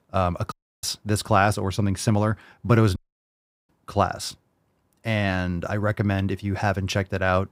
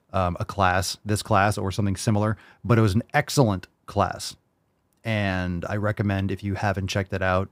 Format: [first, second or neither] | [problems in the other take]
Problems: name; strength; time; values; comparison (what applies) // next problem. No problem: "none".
second | audio cutting out; at 0.5 s and at 3 s for 0.5 s